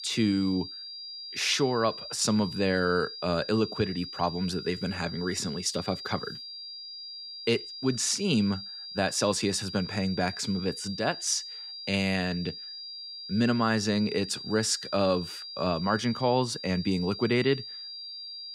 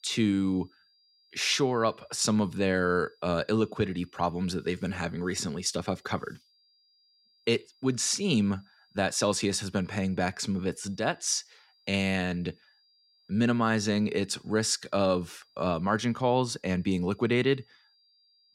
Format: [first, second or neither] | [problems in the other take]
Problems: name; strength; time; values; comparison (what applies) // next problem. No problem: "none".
second | high-pitched whine; loud; throughout; 5 kHz, 10 dB below the speech; faint in the second